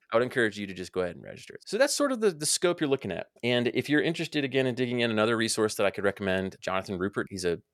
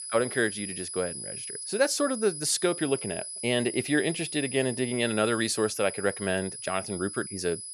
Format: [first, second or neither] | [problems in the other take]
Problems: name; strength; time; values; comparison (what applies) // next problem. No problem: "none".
first | high-pitched whine; loud; throughout; 10 kHz, 7 dB below the speech